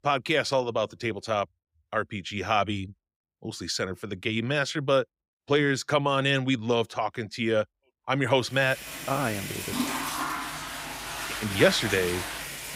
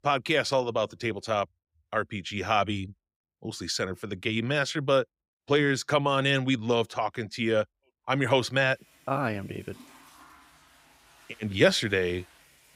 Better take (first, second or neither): second